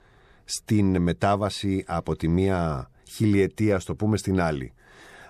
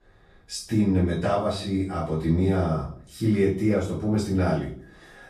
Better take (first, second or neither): first